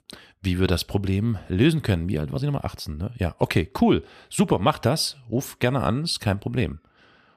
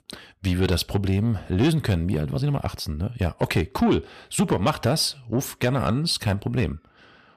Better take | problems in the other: first | distortion; slight; 10 dB below the speech

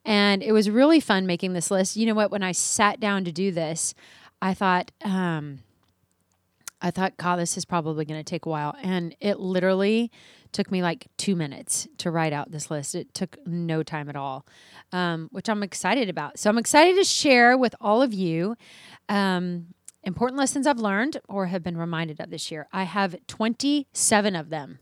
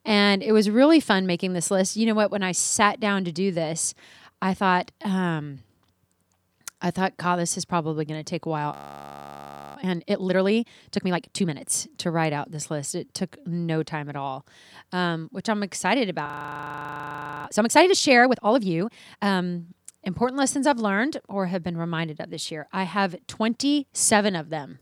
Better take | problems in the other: first | audio freezing; at 8.5 s for 1 s and at 16 s for 1 s

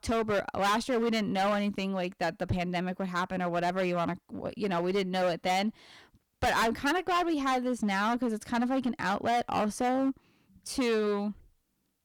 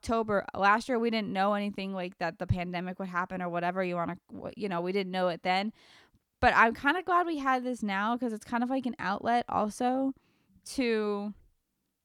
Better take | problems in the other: second | distortion; heavy; 13% of the sound clipped

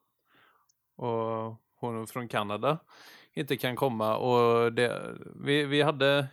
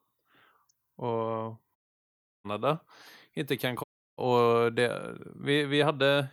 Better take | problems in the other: first | audio cutting out; at 2 s for 0.5 s and at 4 s

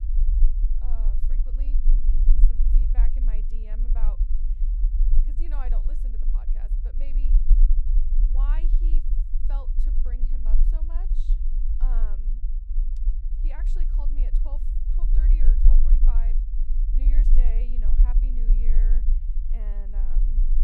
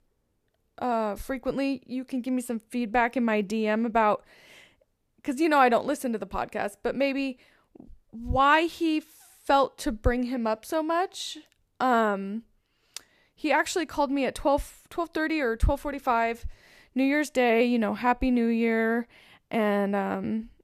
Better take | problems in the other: second | low rumble; loud; throughout; 2 dB below the speech

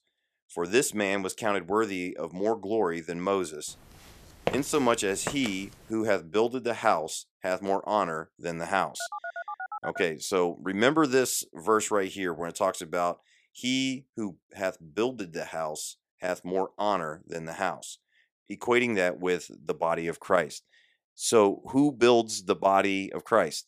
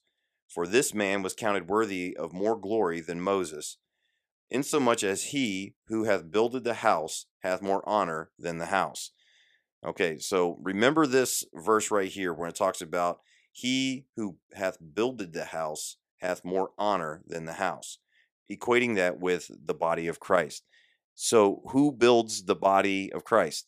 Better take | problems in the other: second | footsteps; noticeable; from 4.5 to 5.5 s; peak 6 dB below the speech // phone ringing; noticeable; from 9 to 10 s; peak 9 dB below the speech

